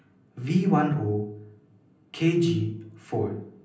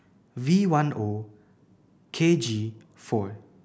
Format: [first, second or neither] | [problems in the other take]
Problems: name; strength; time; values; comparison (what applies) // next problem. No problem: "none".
second | room echo; dies away in 0.6 s